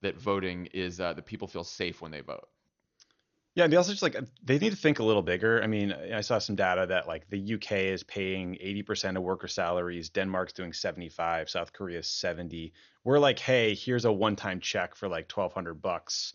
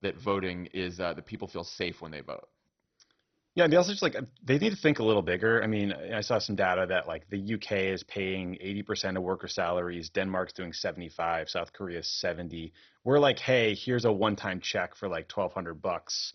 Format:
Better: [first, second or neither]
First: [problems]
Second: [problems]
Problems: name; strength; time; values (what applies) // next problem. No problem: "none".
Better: first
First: garbled, watery; slightly; nothing above 6.5 kHz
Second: garbled, watery; badly; nothing above 6 kHz